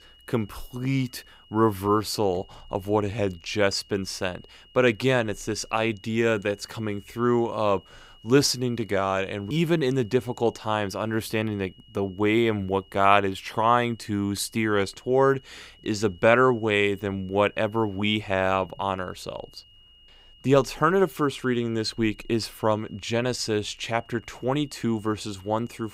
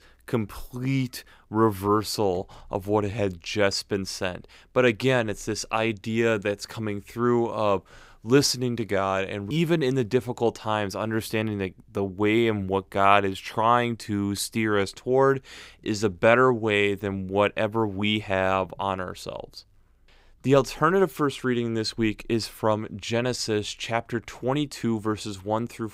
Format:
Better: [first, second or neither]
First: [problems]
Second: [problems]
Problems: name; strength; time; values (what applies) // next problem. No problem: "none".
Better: second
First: high-pitched whine; faint; throughout; 3 kHz, 30 dB below the speech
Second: none